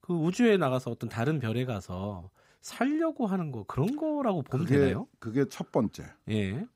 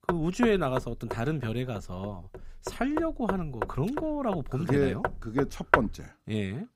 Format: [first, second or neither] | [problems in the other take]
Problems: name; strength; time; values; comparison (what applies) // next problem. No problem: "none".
first | door banging; loud; until 6 s; peak 5 dB above the speech